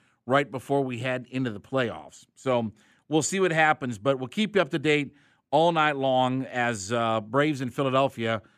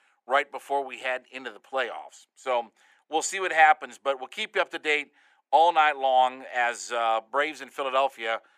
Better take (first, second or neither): first